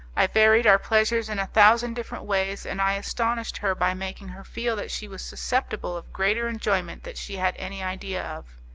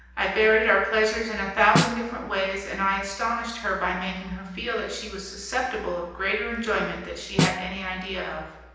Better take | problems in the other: first | background sound (Snare drum); 2 dB below the speech // room echo; dies away in 0.9 s

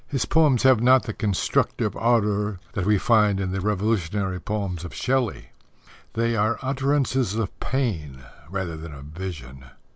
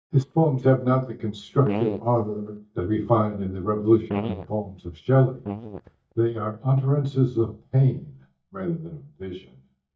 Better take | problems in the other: first | noise reduction (neural mask model DeepFilterNet 3)

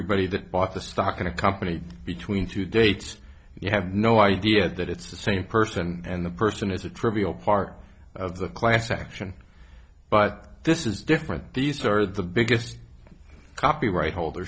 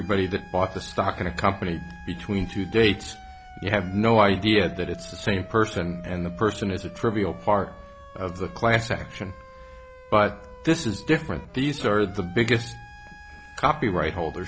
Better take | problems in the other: first | background sound (Siren); 20 dB below the speech

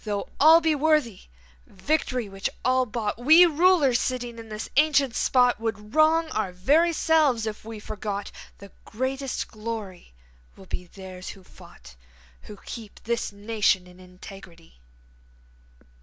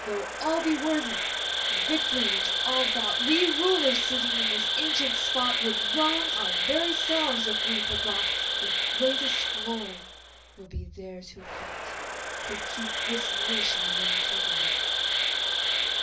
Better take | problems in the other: first | background sound (Insect); 4 dB above the speech // room echo; dies away in 0.4 s

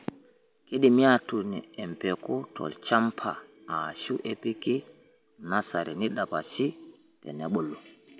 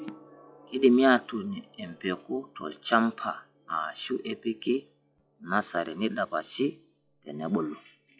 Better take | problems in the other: first | noise reduction (classical method log-MMSE)

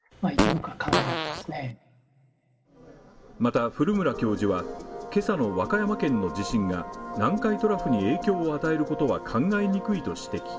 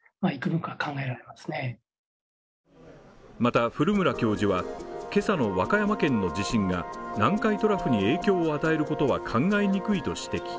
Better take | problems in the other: second | background sound (Fart); 1 dB below the speech // room echo; dies away in 0.3 s

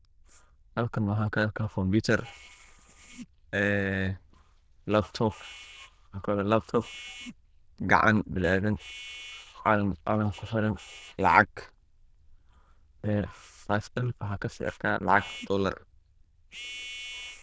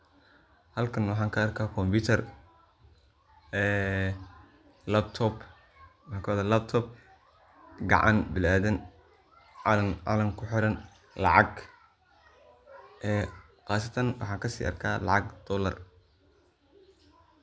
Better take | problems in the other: second | noise reduction (neural diffusion model UNIVERSE++)

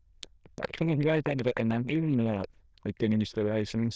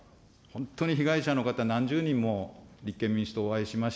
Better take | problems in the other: second | noise reduction (neural diffusion model UNIVERSE++)

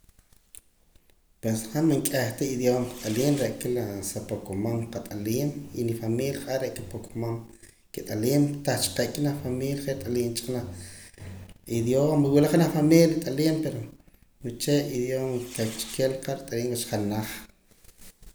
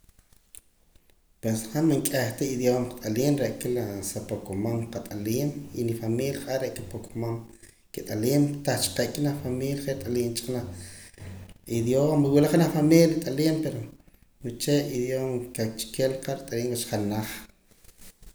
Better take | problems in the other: second | background sound (Fireworks); 18 dB below the speech

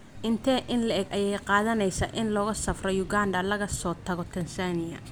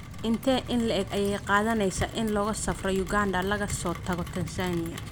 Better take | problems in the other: first | background sound (Rain); 11 dB below the speech

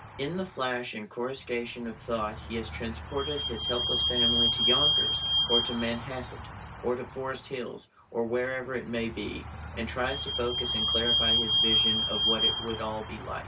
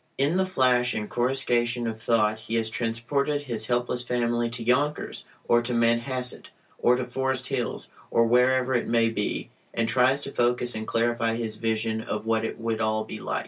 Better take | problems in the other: second | background sound (Squeak / Vehicle); 3 dB above the speech

